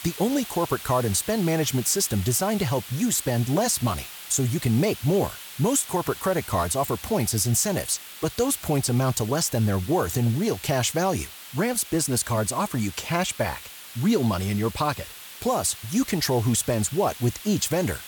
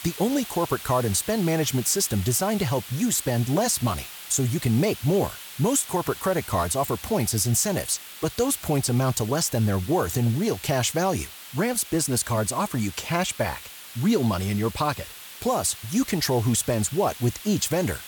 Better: neither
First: hiss; noticeable; throughout; 15 dB below the speech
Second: hiss; noticeable; throughout; 15 dB below the speech

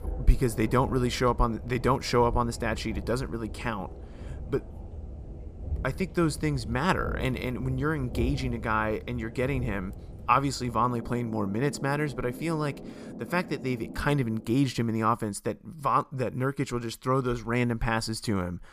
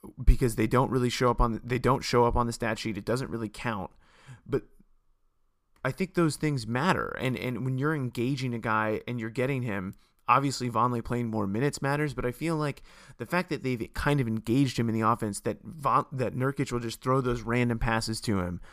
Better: second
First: rain or running water; noticeable; until 14 s; 10 dB below the speech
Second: none

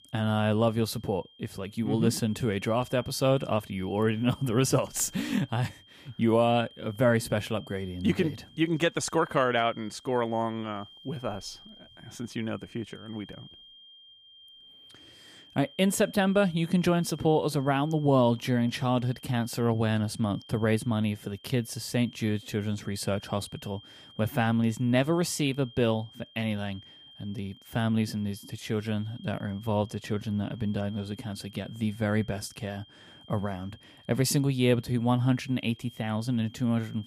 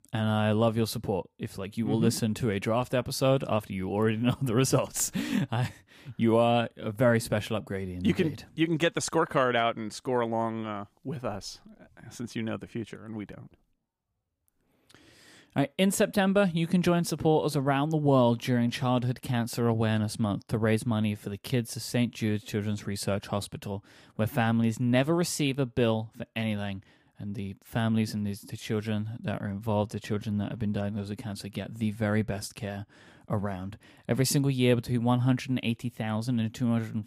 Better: second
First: high-pitched whine; faint; throughout; 3 kHz, 25 dB below the speech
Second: none

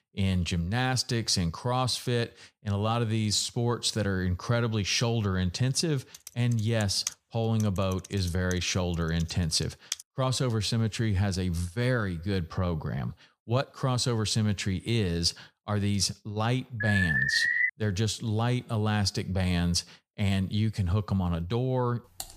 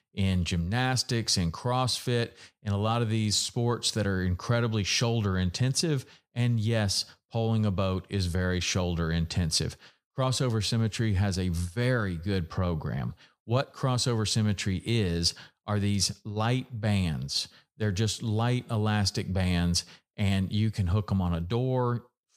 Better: second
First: keyboard typing; noticeable; from 6 to 10 s; peak 7 dB below the speech // alarm; loud; at 17 s; peak 5 dB above the speech // keyboard typing; faint; at 22 s; peak 15 dB below the speech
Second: none

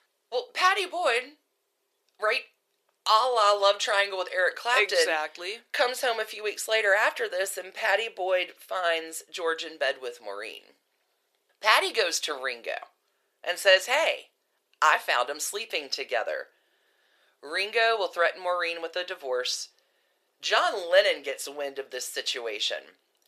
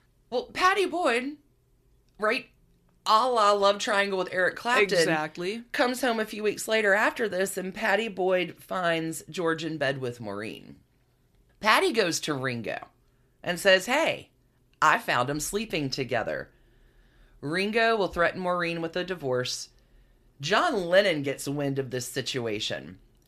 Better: second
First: thin; very; fading below 500 Hz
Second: none

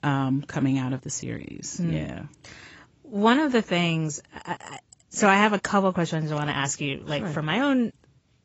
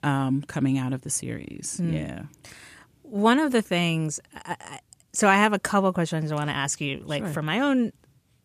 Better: second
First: garbled, watery; badly; nothing above 7.5 kHz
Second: none

